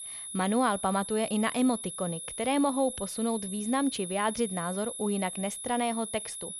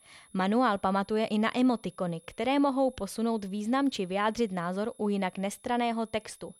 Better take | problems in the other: second | high-pitched whine; loud; throughout; 11 kHz, 7 dB below the speech; faint in the second

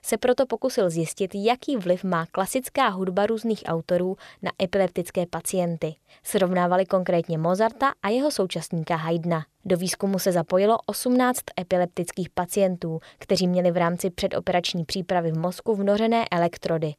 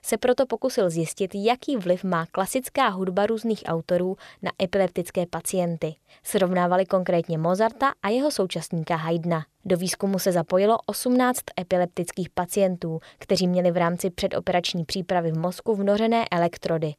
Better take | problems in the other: neither | none

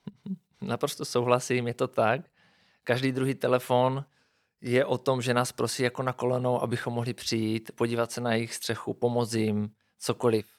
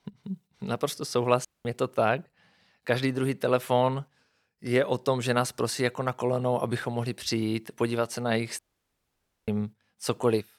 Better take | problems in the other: first | audio cutting out; at 1.5 s and at 8.5 s for 1 s

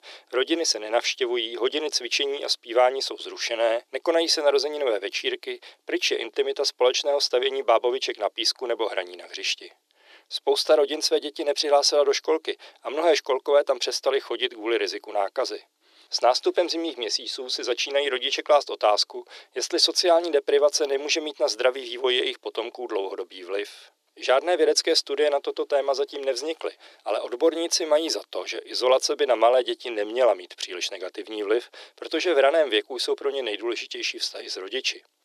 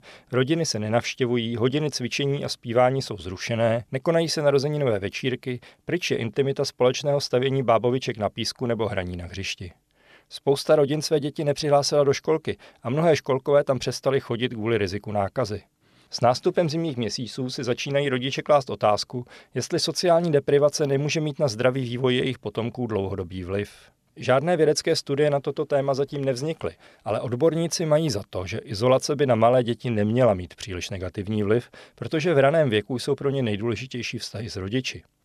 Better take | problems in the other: second | thin; very; fading below 350 Hz

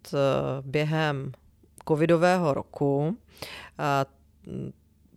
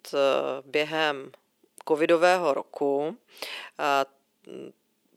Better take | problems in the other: first | thin; somewhat; fading below 350 Hz

